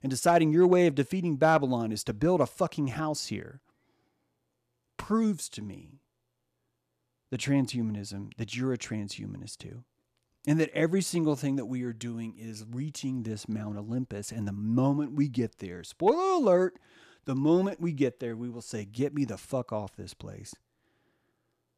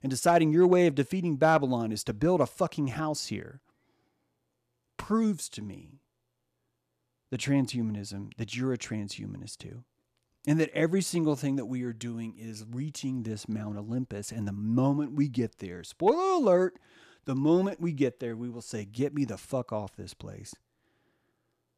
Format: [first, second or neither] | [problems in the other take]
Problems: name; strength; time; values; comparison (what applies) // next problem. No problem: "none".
neither | none